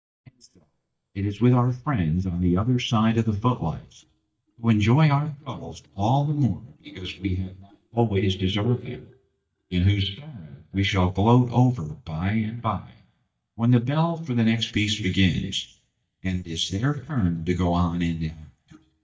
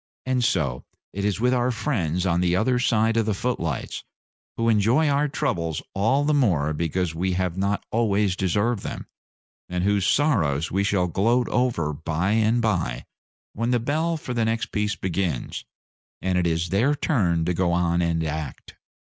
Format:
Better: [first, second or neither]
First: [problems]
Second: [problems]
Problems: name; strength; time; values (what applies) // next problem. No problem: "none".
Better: second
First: noise reduction (neural mask model DeepFilterNet 3)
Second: none